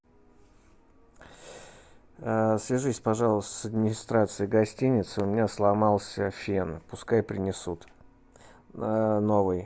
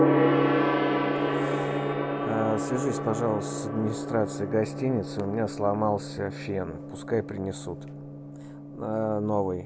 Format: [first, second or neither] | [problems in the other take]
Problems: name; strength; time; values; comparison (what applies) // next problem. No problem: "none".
first | background sound (Gong); 2 dB above the speech